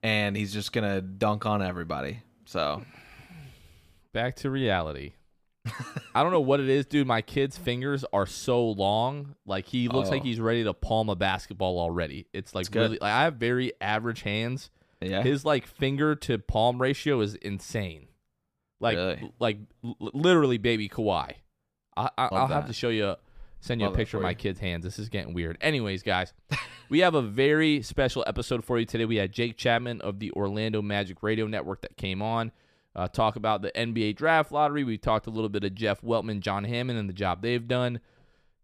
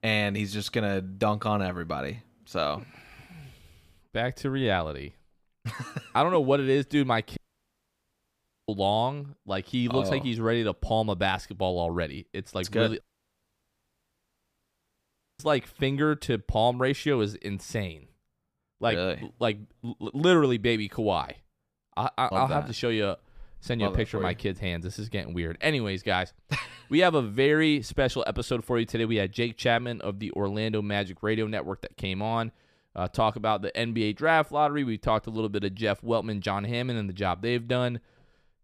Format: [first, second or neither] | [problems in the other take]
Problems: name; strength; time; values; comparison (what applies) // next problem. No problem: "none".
first | audio cutting out; at 7.5 s for 1.5 s and at 13 s for 2.5 s